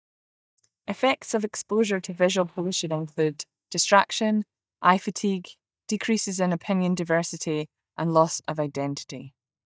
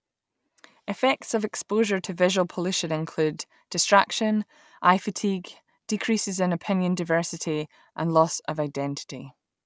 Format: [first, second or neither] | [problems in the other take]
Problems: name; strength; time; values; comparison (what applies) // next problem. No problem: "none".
second | noise reduction (neural mask model DeepFilterNet 3)